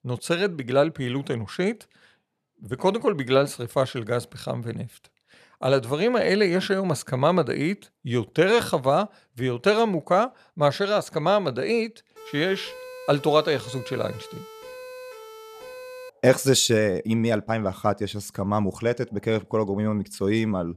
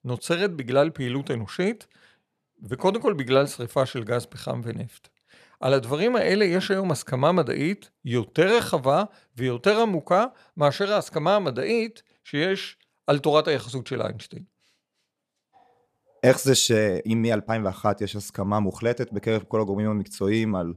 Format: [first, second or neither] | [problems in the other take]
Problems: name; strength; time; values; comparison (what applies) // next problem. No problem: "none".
second | siren; faint; from 12 to 16 s; peak 15 dB below the speech